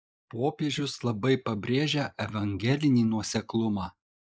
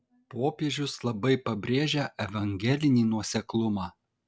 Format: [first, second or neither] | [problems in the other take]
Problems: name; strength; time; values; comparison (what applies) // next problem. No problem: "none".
second | noise reduction (neural mask model Resemble Enhance denoiser)